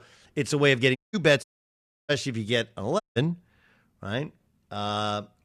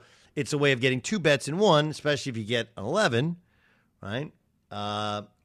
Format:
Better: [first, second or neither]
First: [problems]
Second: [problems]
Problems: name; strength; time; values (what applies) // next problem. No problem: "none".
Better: second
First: audio cutting out; at 1 s, at 1.5 s for 0.5 s and at 3 s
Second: none